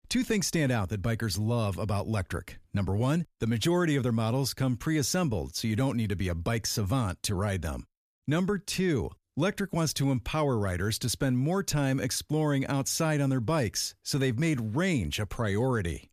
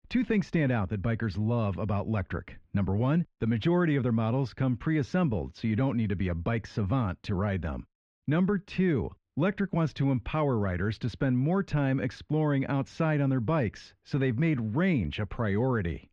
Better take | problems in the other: first | muffled; very; fading above 3 kHz

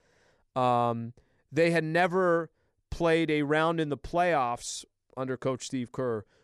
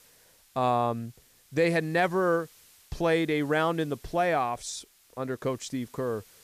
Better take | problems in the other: first | hiss; faint; throughout; 25 dB below the speech

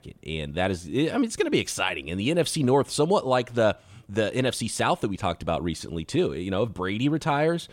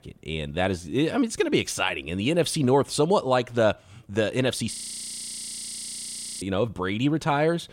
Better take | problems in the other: first | audio freezing; at 4.5 s for 1.5 s

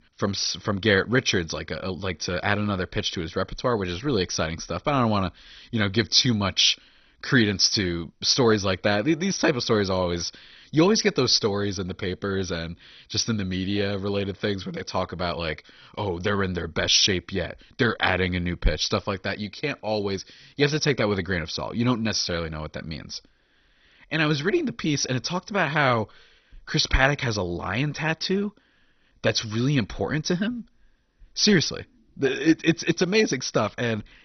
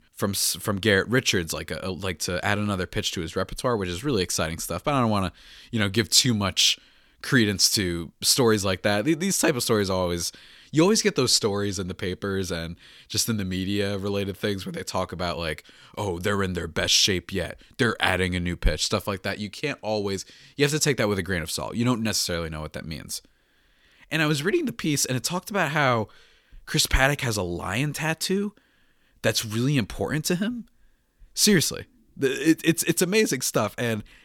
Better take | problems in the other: second | garbled, watery; badly; nothing above 6 kHz

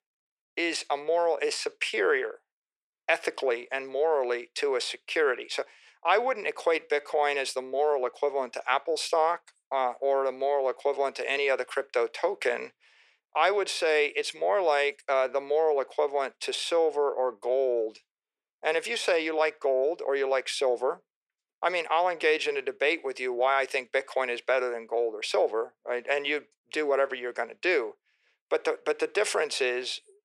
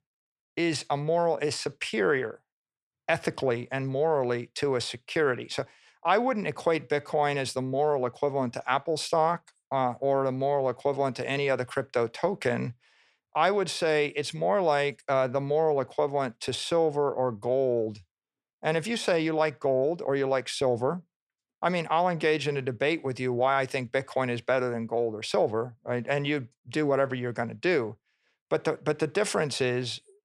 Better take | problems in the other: second | thin; very; fading below 400 Hz

